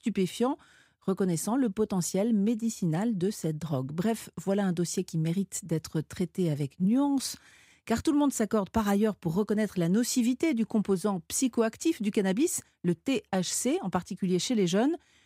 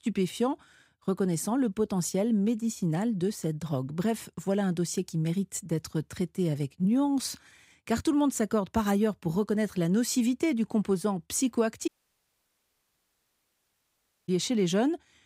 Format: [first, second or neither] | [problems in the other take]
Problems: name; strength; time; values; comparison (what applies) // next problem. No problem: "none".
first | audio cutting out; at 12 s for 2.5 s